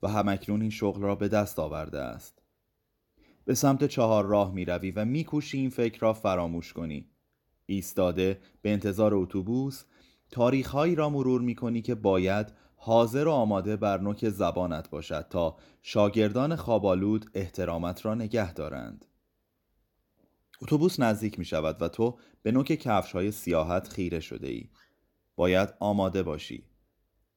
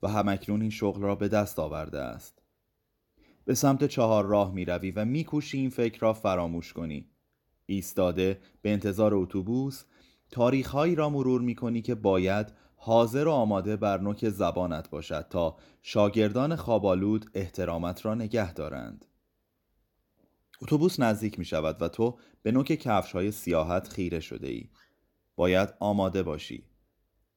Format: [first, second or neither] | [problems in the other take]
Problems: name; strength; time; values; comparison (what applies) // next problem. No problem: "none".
neither | none